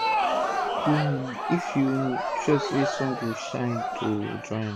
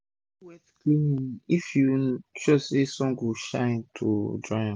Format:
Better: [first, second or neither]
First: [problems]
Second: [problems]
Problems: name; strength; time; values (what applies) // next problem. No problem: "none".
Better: second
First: background sound (Crowd); 1 dB below the speech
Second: none